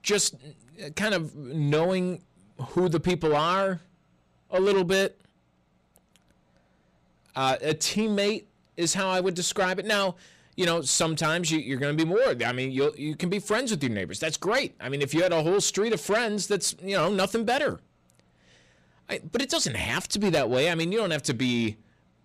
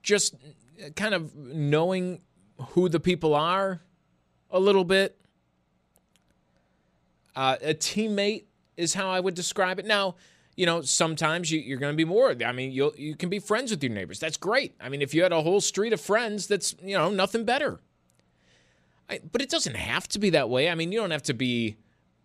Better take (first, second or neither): second